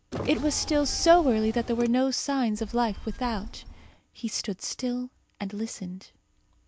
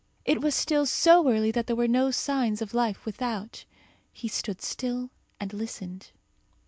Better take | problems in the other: second | background sound (Telephone + Car); 10 dB below the speech

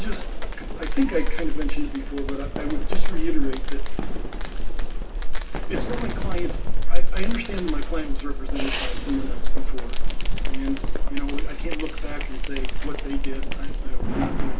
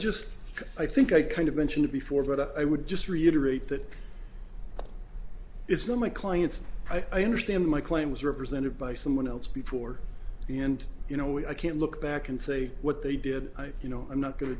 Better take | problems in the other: second | background sound (Fireworks); 18 dB below the speech // room echo; dies away in 0.1 s

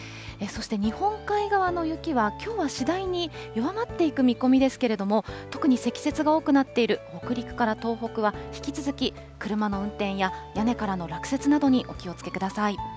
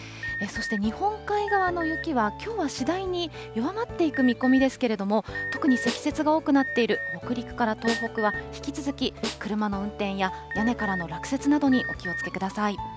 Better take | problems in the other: first | background sound (Snare drum + Alarm); 10 dB below the speech

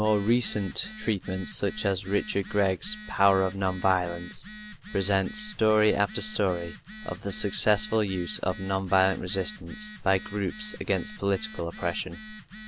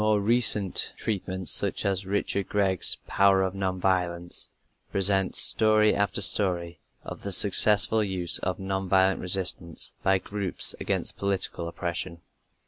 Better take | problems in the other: second | background sound (Telephone); 15 dB below the speech

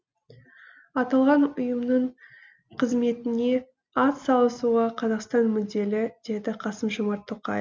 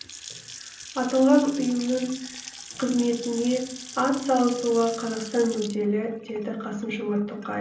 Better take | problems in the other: first | background sound (Sink (filling or washing) / Water tap, faucet / Splash, splatter); 16 dB below the speech // room echo; dies away in 0.6 s

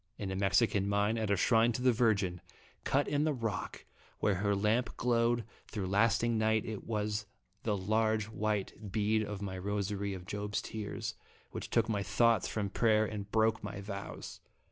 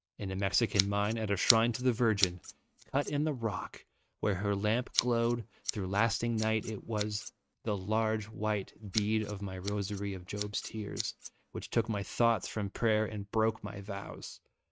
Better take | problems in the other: first | noise reduction (neural mask model RNNoise)

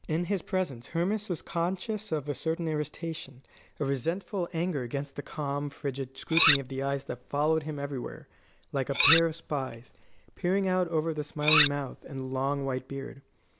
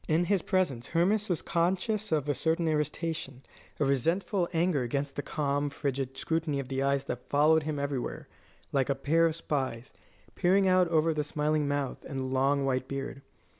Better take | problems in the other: second | background sound (Cutlery, silverware); as loud as the speech

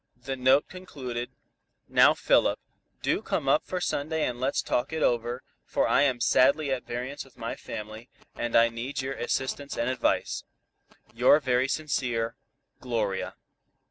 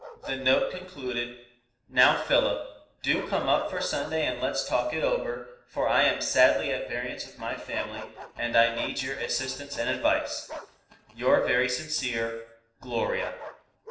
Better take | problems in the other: first | background sound (Bark); 17 dB below the speech // room echo; dies away in 0.7 s

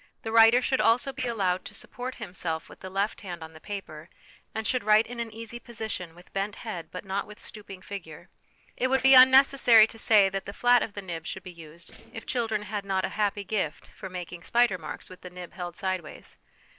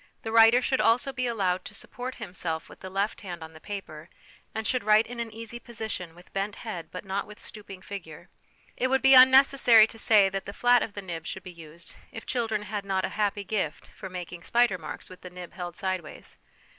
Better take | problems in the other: second | noise reduction (neural separator model SepFormer DNS4)

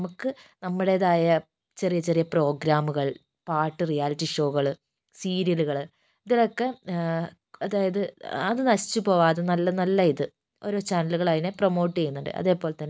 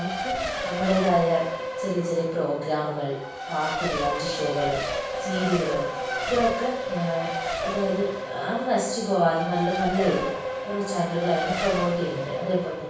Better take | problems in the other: first | background sound (Race car, auto racing); 3 dB below the speech // room echo; dies away in 0.7 s

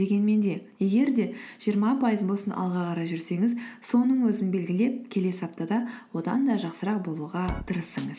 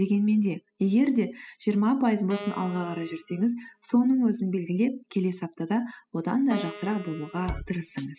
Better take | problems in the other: first | noise reduction (classical method spectral subtraction)

